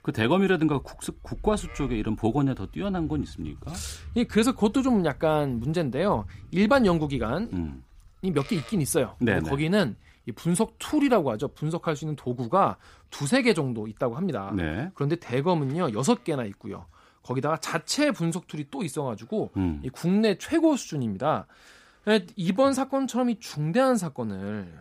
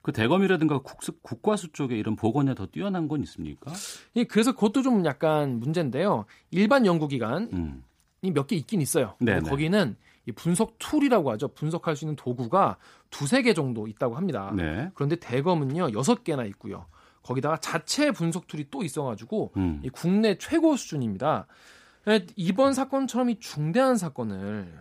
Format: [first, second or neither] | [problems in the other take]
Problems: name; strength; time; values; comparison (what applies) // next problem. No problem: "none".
second | animal sounds; noticeable; throughout; 20 dB below the speech